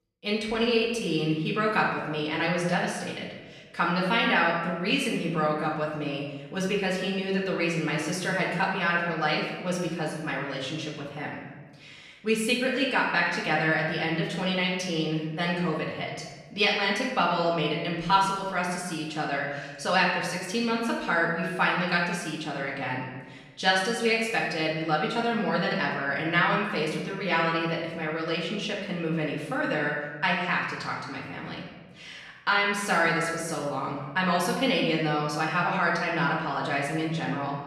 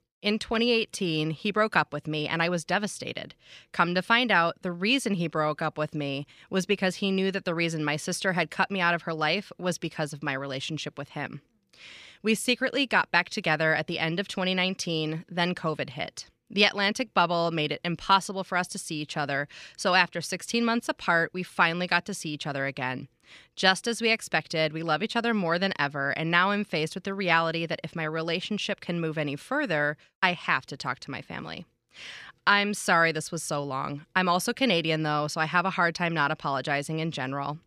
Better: second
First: off-mic speech; far // room echo; noticeable; dies away in 1.1 s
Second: none

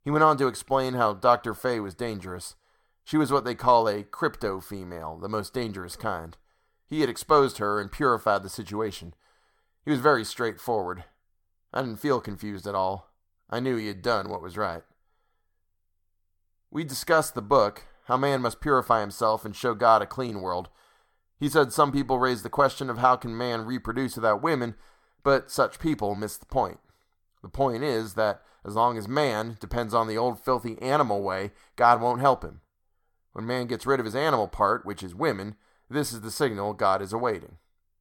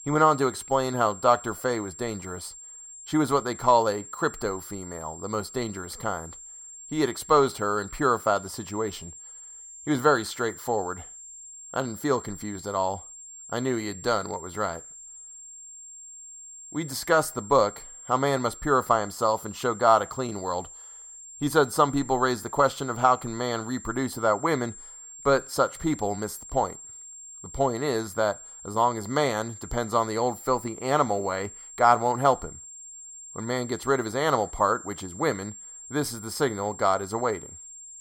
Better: first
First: none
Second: high-pitched whine; noticeable; throughout; 7.5 kHz, 15 dB below the speech

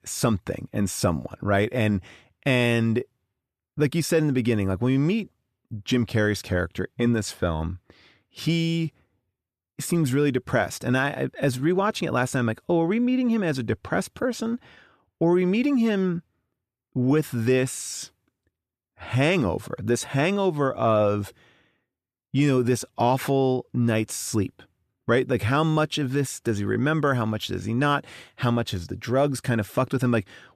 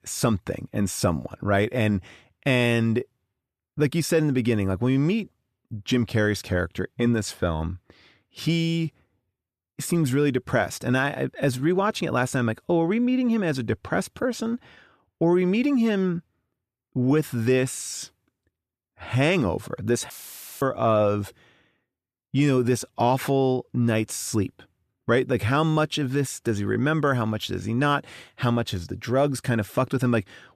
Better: first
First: none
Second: audio cutting out; filled with static; at 20 s for 0.5 s

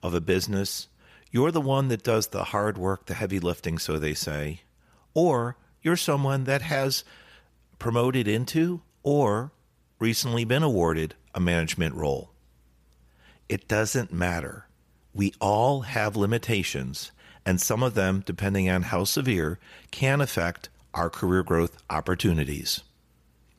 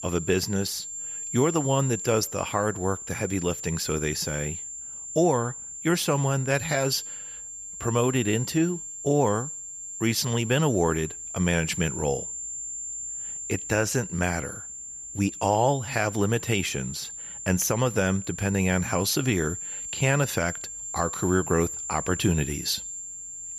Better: first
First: none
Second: high-pitched whine; loud; throughout; 7.5 kHz, 7 dB below the speech

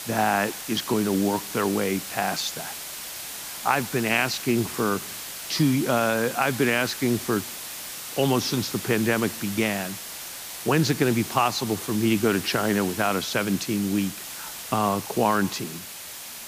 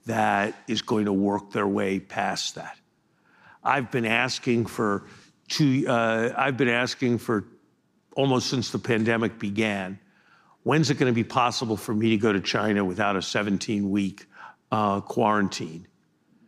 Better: second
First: hiss; loud; throughout; 9 dB below the speech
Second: none

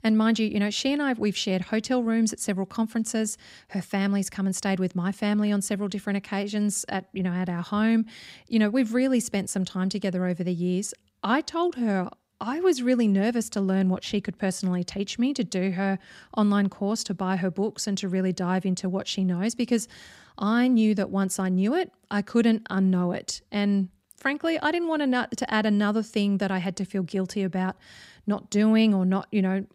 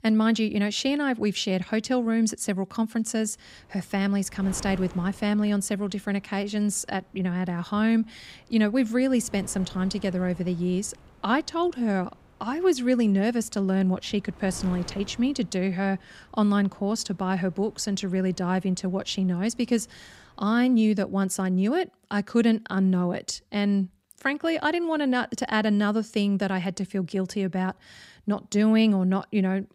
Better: first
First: none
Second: wind noise on the microphone; occasional gusts; from 3.5 to 21 s; 25 dB below the speech

